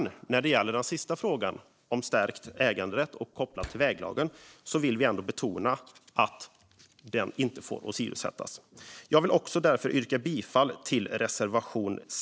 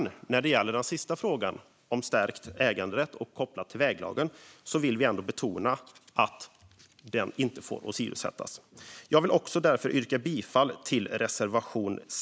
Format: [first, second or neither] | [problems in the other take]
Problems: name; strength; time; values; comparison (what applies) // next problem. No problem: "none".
second | noise reduction (neural separator model SepFormer DNS4)